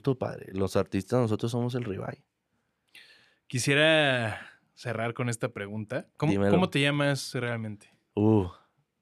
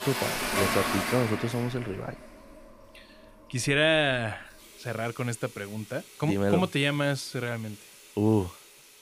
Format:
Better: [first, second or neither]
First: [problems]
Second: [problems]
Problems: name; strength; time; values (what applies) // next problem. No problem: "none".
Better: first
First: none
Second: household noises; loud; throughout; 2 dB below the speech